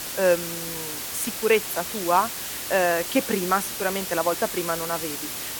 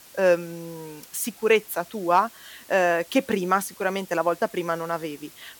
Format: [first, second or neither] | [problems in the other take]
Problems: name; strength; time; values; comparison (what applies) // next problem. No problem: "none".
second | hiss; loud; throughout; 5 dB below the speech; faint in the second